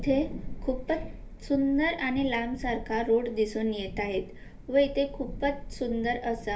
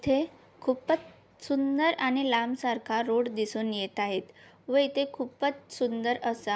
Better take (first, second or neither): second